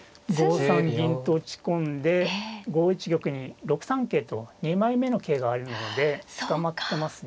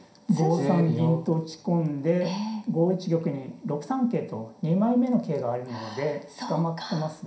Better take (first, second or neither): first